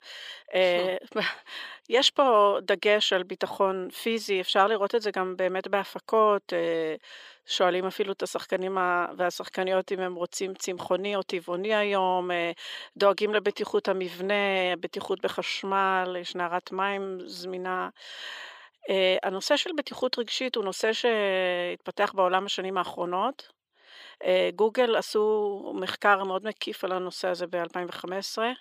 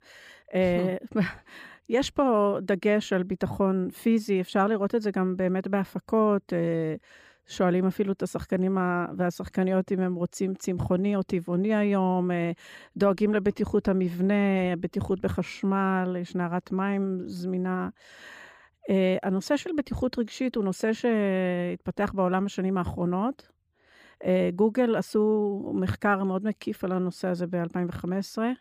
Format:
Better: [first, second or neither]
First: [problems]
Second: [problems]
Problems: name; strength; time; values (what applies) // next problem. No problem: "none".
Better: second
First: thin; very; fading below 500 Hz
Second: none